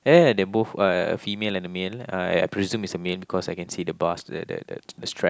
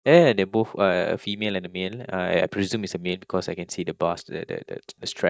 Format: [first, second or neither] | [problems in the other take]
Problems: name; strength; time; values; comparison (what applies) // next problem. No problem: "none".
first | noise reduction (neural mask model DeepFilterNet 3)